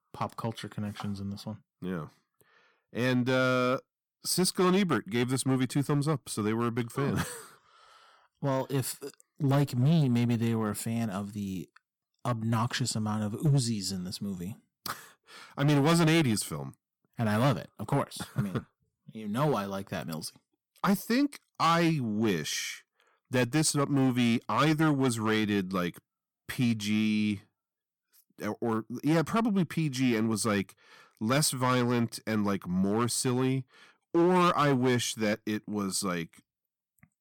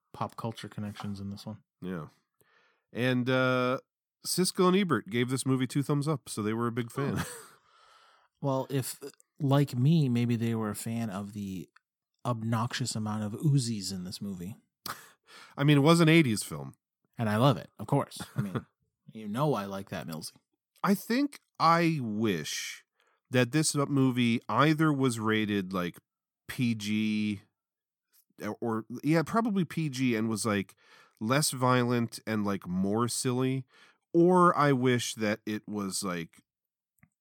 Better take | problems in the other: second | distortion; slight; 5% of the sound clipped

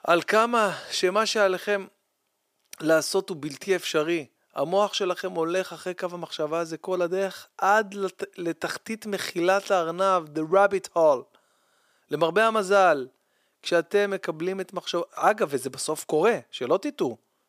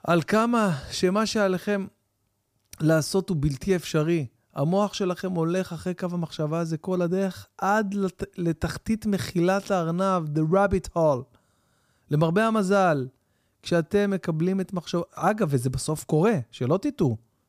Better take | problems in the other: second | thin; somewhat; fading below 450 Hz

